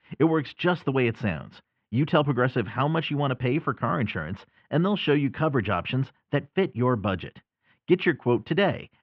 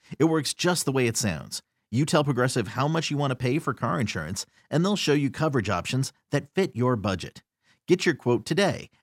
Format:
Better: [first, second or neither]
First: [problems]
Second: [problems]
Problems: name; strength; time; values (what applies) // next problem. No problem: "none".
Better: second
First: muffled; very; fading above 3 kHz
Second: none